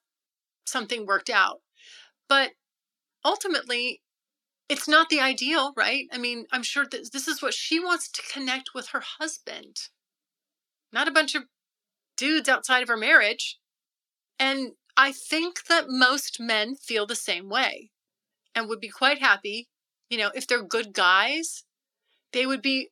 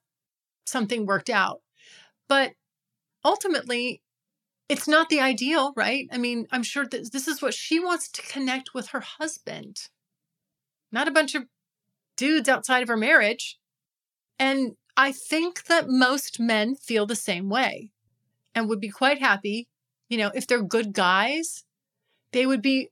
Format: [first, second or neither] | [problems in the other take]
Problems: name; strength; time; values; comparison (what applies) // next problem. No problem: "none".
second | thin; very slightly; fading below 300 Hz